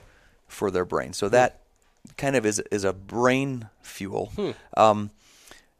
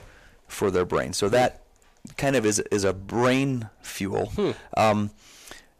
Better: first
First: none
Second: distortion; heavy; 7 dB below the speech

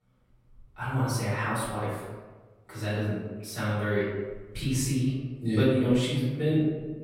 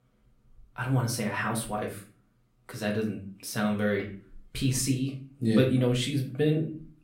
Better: second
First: room echo; strong; dies away in 1.2 s // off-mic speech; far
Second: room echo; slight; dies away in 0.4 s // off-mic speech; somewhat distant

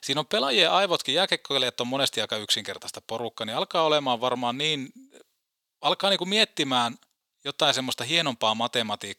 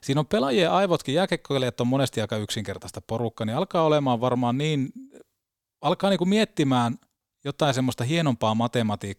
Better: second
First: thin; somewhat; fading below 850 Hz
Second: none

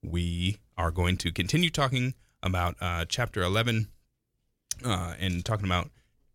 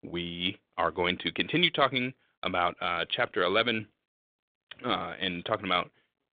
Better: first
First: none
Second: phone-call audio

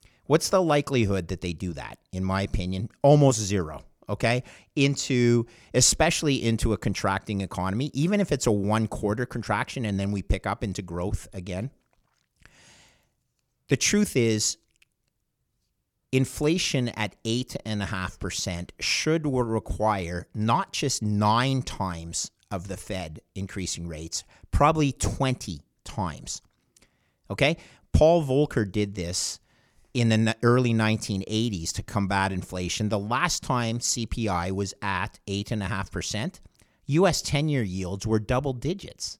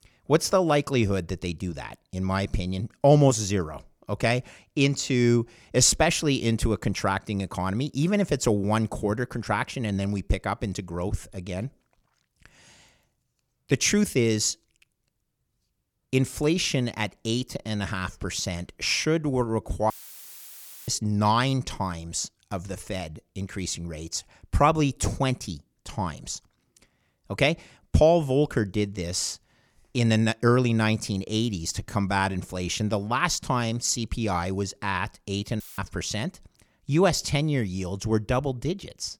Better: first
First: none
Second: audio cutting out; filled with static; at 20 s for 1 s and at 36 s

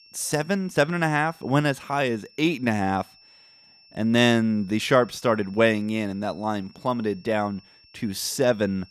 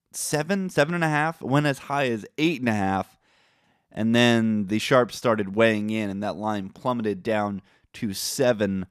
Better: second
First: high-pitched whine; faint; throughout; 5.5 kHz, 30 dB below the speech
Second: none

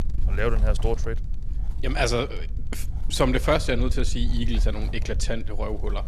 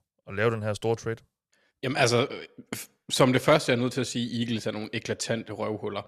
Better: second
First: wind noise on the microphone; occasional gusts; 20 dB below the speech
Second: none

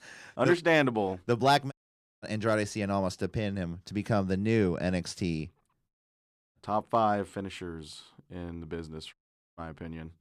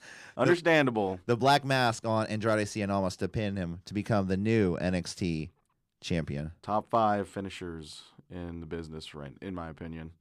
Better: second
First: audio cutting out; at 1.5 s for 0.5 s, at 6 s for 0.5 s and at 9 s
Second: none

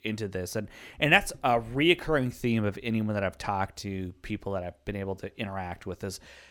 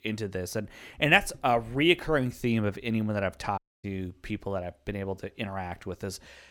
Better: first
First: none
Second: audio cutting out; at 3.5 s

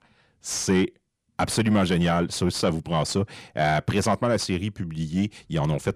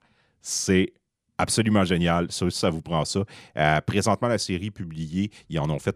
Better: second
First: distortion; slight; 10 dB below the speech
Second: none

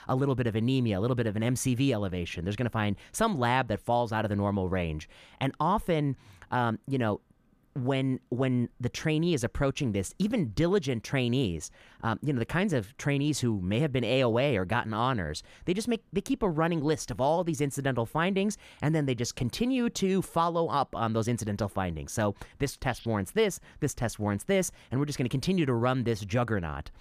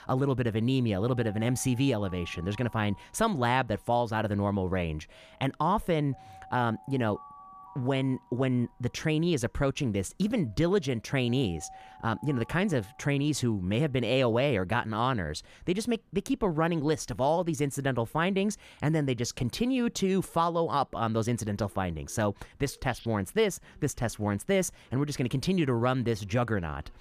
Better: first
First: none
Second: alarms or sirens; faint; throughout; 25 dB below the speech

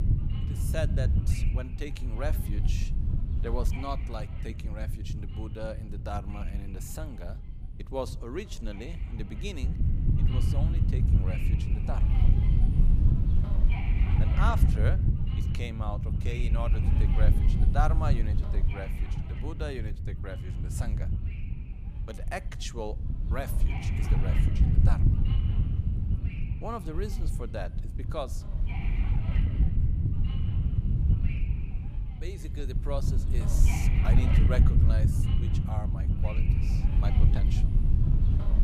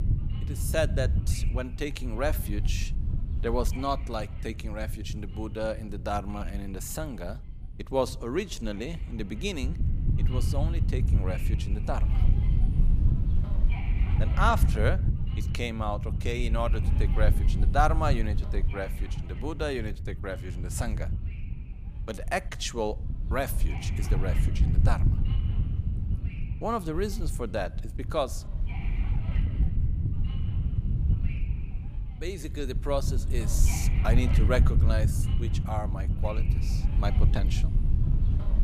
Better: second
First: wind noise on the microphone; heavy; 3 dB below the speech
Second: wind noise on the microphone; occasional gusts; 10 dB below the speech

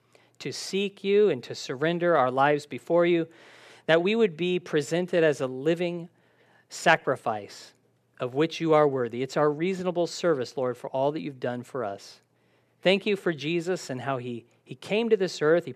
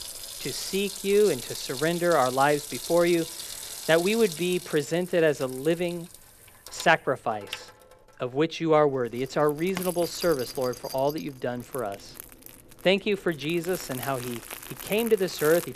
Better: first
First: none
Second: household noises; noticeable; throughout; 10 dB below the speech

